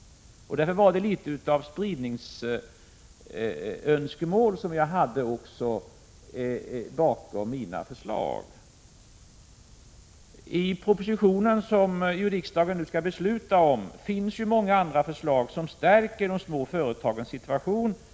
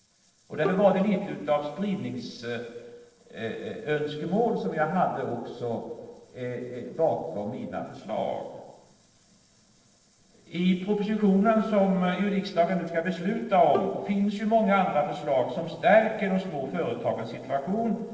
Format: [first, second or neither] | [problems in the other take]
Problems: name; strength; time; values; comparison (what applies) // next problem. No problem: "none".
first | noise reduction (neural separator model SepFormer DNS4)